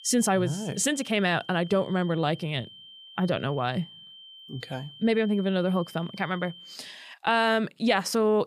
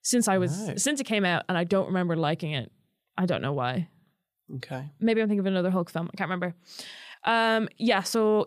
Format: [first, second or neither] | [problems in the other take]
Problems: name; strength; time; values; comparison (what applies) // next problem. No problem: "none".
second | high-pitched whine; noticeable; until 7 s; 3 kHz, 20 dB below the speech